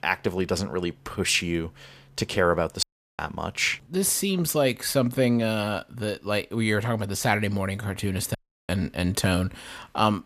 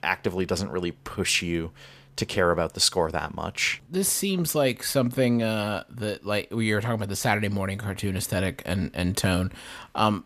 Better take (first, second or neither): second